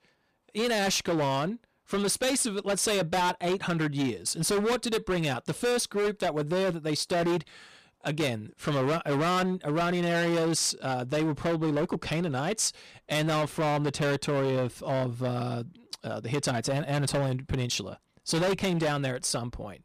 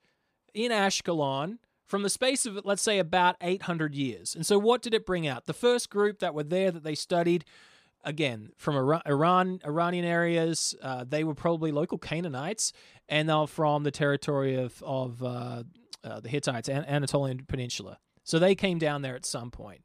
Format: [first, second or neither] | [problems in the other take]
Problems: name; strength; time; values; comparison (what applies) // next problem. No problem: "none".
second | distortion; heavy; 20% of the sound clipped